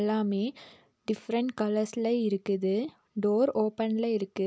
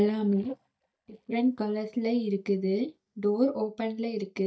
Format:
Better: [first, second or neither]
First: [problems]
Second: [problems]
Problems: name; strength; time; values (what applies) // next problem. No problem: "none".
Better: first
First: none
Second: noise reduction (neural mask model DeepFilterNet 3)